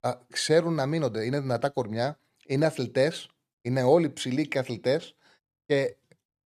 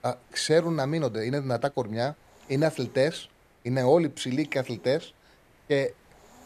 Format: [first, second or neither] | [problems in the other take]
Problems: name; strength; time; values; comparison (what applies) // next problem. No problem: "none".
first | hiss; faint; throughout; 30 dB below the speech